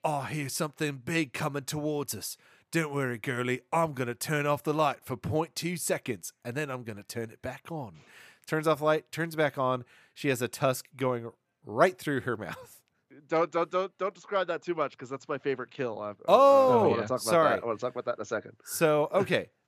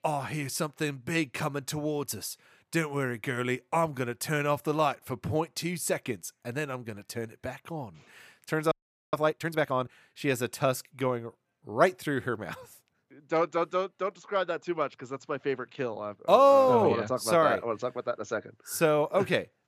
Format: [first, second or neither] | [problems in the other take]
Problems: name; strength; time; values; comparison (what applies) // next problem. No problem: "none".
first | audio freezing; at 8.5 s